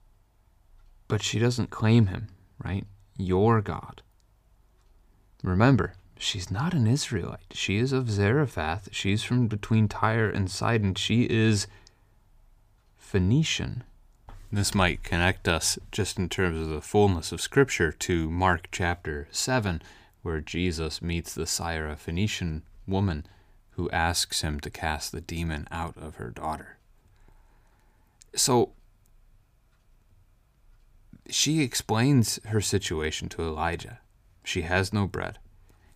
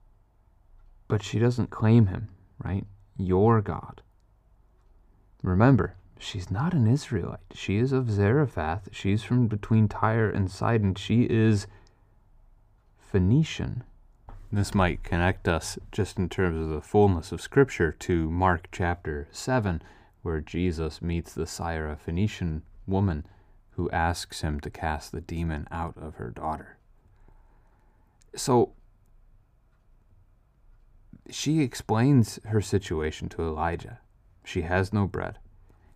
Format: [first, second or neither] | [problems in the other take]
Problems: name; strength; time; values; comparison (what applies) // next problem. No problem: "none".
first | muffled; slightly; fading above 2 kHz